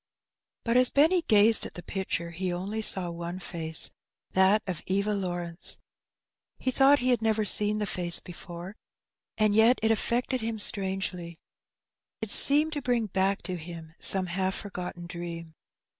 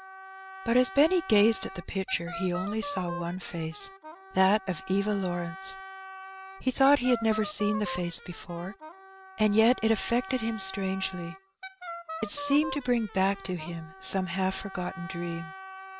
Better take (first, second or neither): first